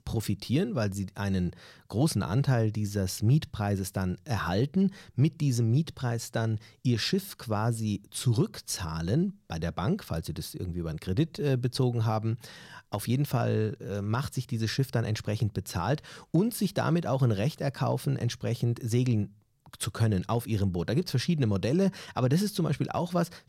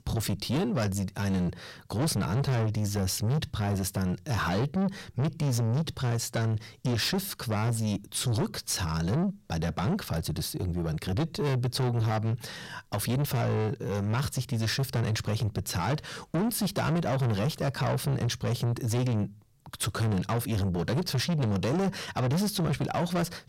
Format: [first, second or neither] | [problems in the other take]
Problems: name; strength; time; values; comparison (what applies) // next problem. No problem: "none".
first | distortion; heavy; 7 dB below the speech